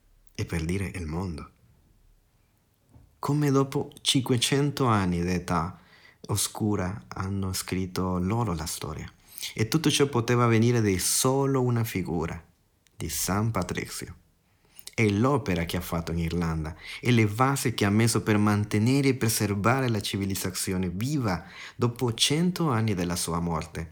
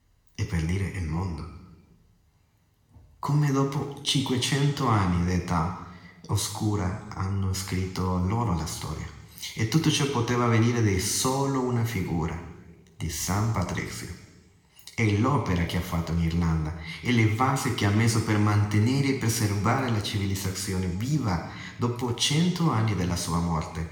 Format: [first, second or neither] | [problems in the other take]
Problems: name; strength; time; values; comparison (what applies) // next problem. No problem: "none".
first | room echo; noticeable; dies away in 1 s // off-mic speech; somewhat distant